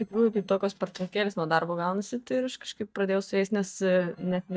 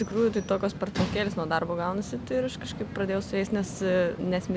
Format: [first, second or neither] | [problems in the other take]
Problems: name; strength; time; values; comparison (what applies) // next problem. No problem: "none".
second | noise reduction (neural mask model DeepFilterNet 3)